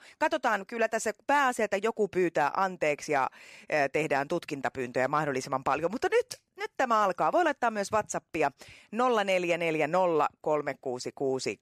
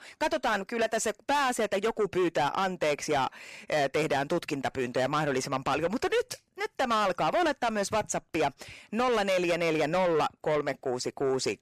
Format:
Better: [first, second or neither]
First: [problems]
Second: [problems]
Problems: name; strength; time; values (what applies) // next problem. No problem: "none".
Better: first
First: none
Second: distortion; heavy; 8 dB below the speech